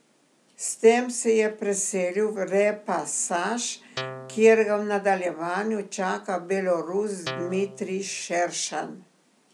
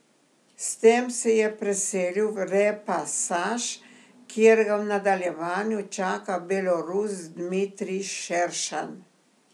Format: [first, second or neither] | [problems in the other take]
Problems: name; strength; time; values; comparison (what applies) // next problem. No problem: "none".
second | background sound (Guitar); 12 dB below the speech